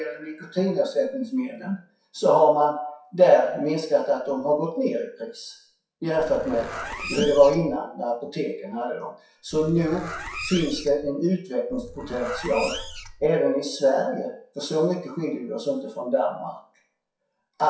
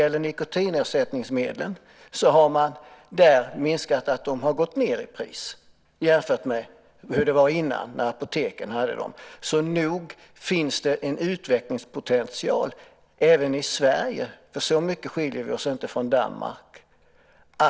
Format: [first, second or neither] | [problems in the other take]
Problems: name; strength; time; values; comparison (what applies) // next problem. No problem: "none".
second | noise reduction (classical method WPE with log-MMSE)